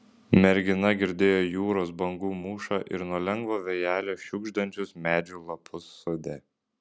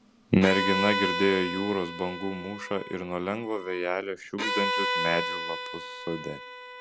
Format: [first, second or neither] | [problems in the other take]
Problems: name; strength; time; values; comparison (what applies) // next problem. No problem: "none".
first | background sound (Bowed string instrument); 3 dB below the speech